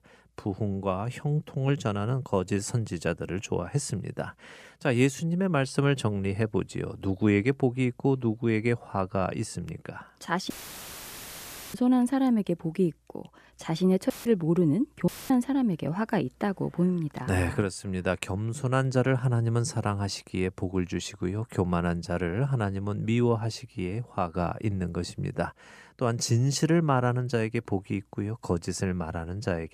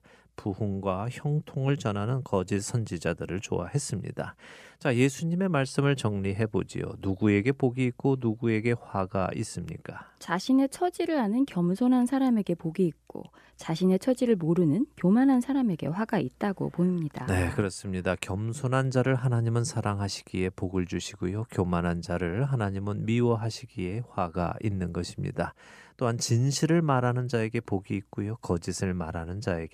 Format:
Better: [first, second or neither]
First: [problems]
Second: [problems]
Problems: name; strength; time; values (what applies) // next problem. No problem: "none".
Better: second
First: audio cutting out; filled with static; at 11 s for 1 s, at 14 s and at 15 s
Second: none